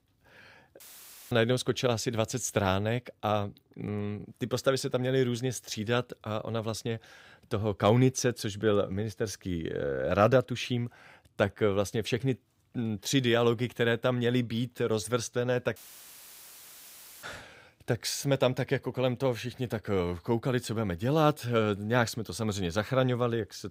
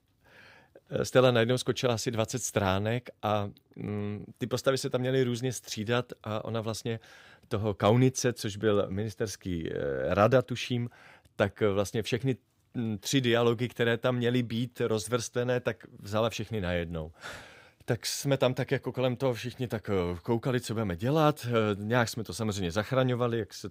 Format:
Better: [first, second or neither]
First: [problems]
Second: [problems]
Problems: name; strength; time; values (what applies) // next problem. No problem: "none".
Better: second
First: audio cutting out; filled with static; at 1 s for 0.5 s and at 16 s for 1.5 s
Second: none